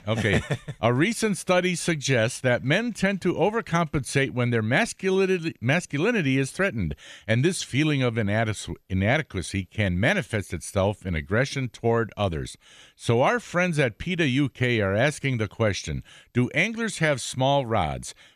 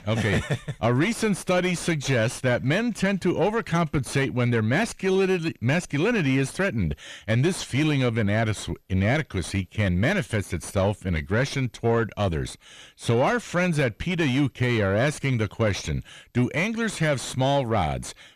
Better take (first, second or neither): first